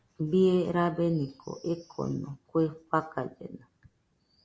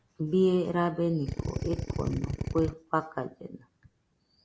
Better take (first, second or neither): first